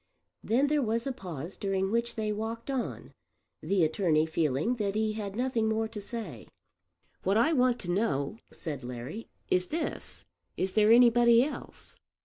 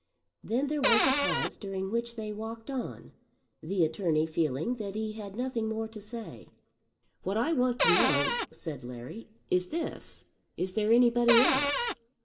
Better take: first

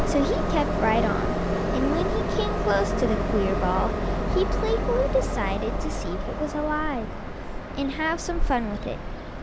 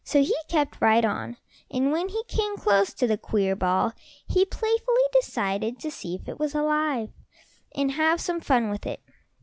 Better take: second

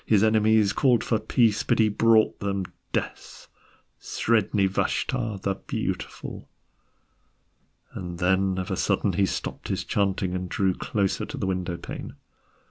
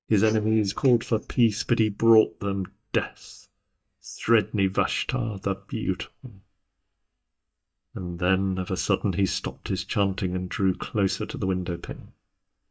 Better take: first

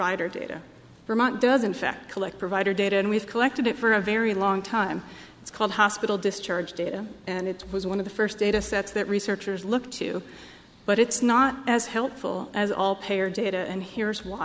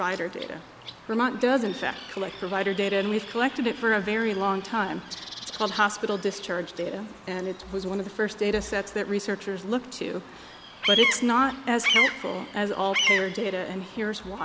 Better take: first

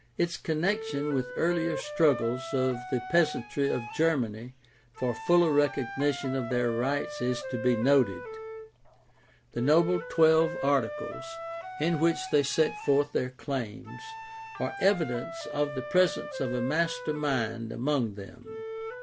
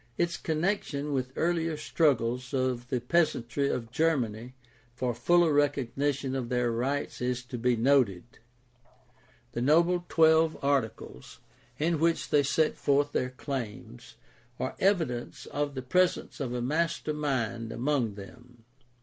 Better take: second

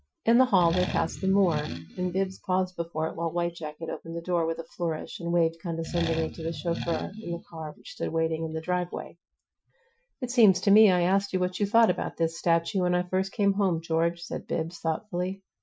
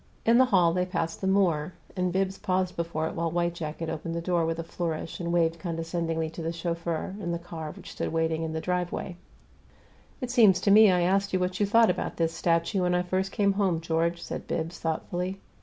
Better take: second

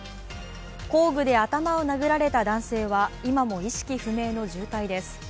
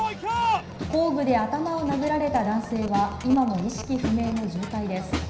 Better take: first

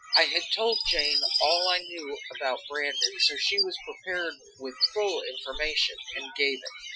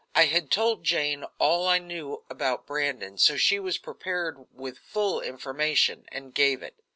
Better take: second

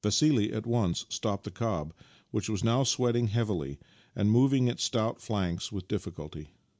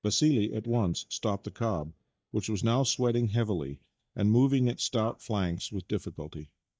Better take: first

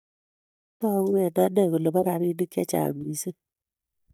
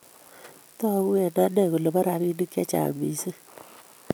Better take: second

